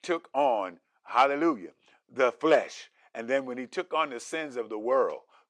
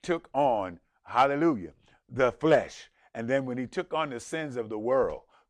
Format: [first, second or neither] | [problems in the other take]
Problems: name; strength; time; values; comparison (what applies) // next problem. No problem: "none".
second | thin; very slightly; fading below 350 Hz